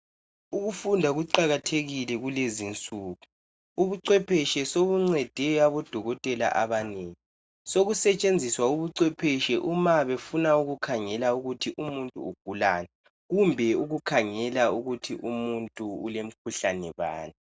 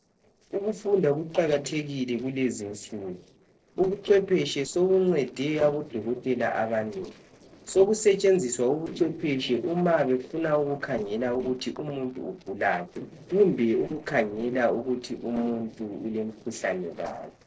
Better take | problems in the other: first | noise reduction (neural separator model SepFormer DNS4)

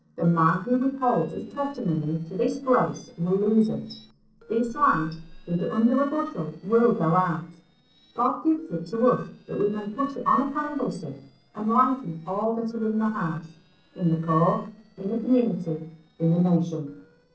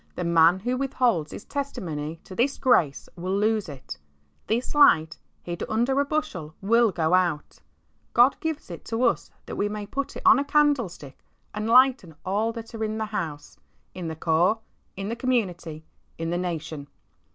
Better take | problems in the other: second | noise reduction (neural separator model SepFormer DNS4)

